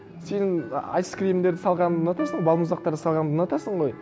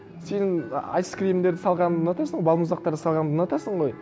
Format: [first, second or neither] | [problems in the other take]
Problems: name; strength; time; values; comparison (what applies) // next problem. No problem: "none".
second | background sound (Piano); 17 dB below the speech